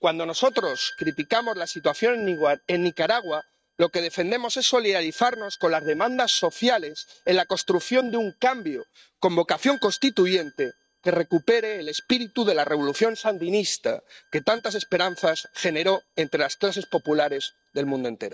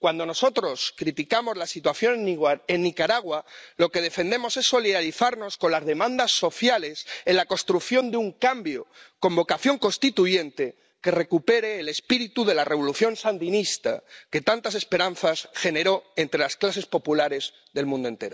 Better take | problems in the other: second | noise reduction (neural mask model RNNoise)

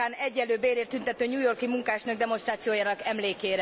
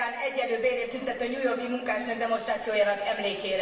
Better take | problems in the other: first | room echo; dies away in 1 s

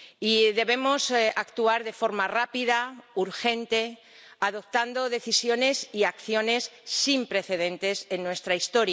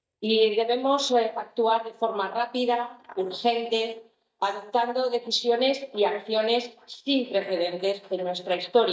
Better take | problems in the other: first | noise reduction (neural mask model DeepFilterNet 3)

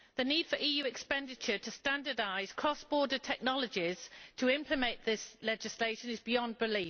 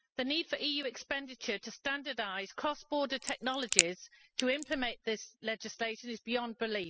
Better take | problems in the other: first | noise reduction (classical method spectral subtraction)

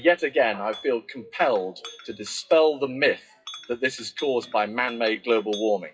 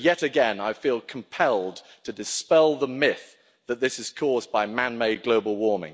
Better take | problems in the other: second | noise reduction (classical method WPE with log-MMSE)

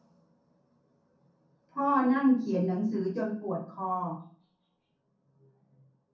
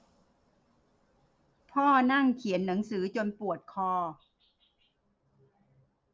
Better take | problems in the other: second | room echo; dies away in 0.6 s

